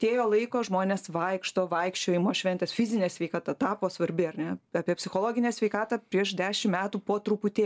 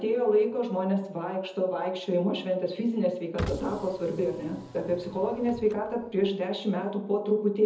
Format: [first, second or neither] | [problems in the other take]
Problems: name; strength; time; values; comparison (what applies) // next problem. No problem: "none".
first | background sound (Car); 13 dB below the speech // room echo; dies away in 0.7 s